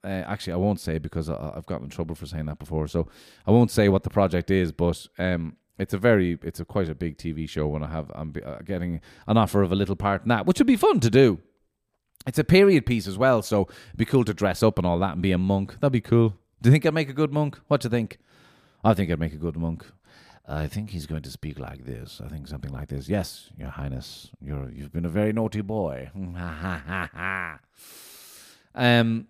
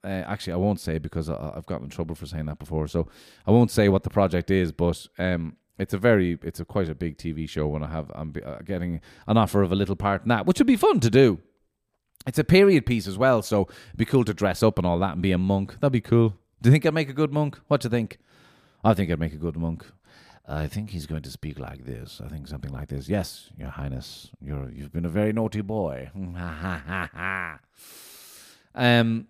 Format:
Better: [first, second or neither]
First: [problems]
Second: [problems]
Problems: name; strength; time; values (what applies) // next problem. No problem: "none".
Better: neither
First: none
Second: none